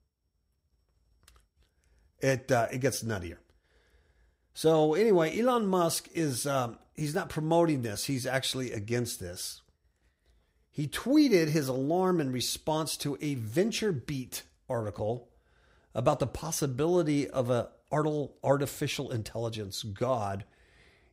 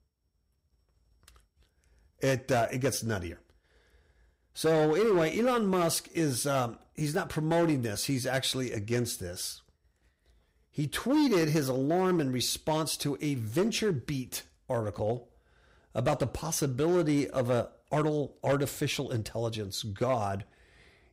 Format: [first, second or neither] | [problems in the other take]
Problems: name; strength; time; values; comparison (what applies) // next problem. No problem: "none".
first | distortion; slight; 5% of the sound clipped